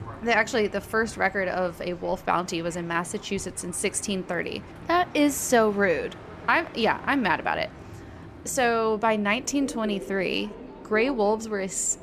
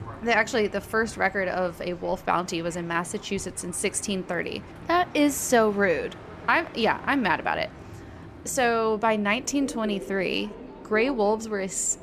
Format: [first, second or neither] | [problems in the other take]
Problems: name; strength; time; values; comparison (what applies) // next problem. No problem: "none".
neither | train or aircraft noise; noticeable; throughout; 15 dB below the speech; the same in both